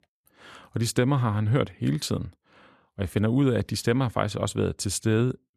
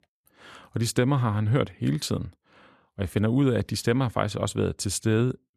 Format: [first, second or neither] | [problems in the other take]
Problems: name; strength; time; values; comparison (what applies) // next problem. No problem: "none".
neither | none